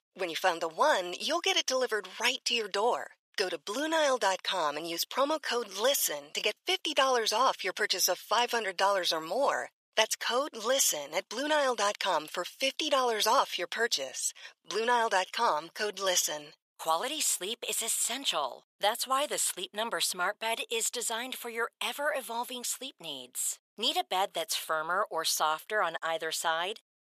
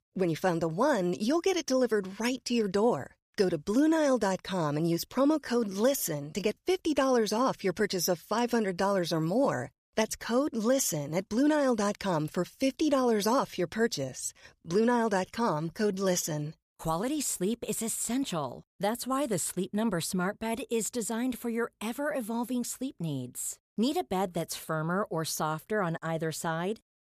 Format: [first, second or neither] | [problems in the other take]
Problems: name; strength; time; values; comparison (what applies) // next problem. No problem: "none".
second | thin; very; fading below 750 Hz